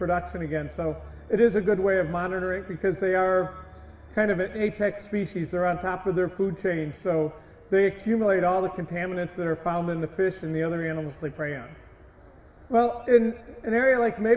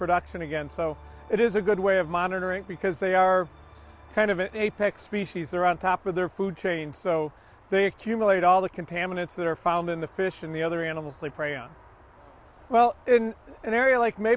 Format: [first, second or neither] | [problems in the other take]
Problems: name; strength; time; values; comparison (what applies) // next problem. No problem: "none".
second | room echo; dies away in 1.4 s